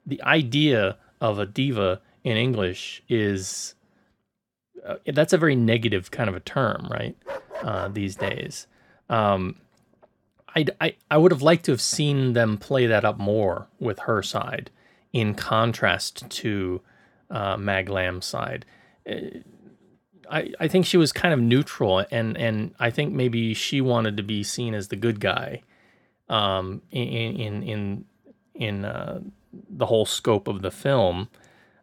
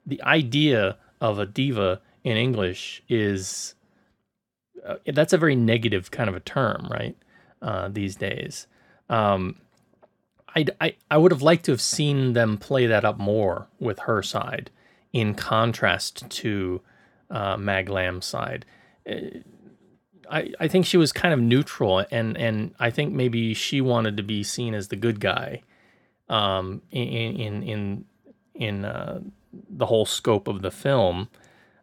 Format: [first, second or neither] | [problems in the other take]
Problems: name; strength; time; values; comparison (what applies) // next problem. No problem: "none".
second | dog barking; faint; from 7.5 to 8.5 s; peak 10 dB below the speech